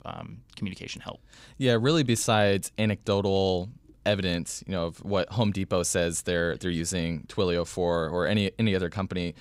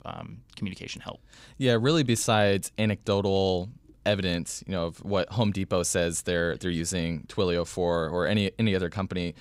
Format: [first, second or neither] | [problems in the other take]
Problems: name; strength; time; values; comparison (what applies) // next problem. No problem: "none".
neither | none